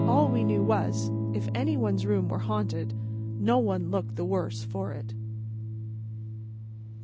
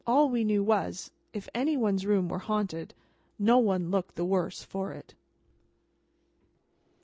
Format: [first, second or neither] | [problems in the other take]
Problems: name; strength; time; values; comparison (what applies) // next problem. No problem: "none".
second | background sound (Electric guitar / Strum); as loud as the speech